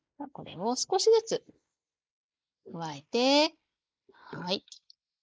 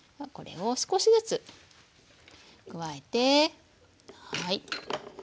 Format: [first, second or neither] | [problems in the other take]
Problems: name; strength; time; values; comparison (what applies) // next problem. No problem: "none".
second | noise reduction (neural mask model Resemble Enhance denoiser)